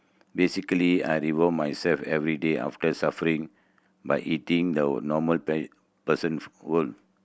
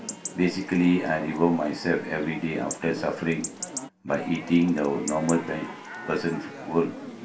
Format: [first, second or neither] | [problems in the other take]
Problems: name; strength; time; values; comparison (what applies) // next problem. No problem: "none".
first | background sound (Chatter / Chirp, tweet / Livestock, farm animals, working animals); 12 dB below the speech // room echo; dies away in 0.3 s